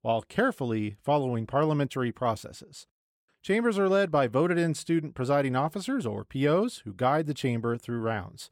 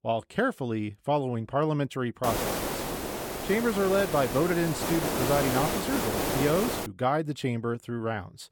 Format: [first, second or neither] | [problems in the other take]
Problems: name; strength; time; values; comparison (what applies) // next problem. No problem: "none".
first | hiss; loud; from 2 to 7 s; 2 dB below the speech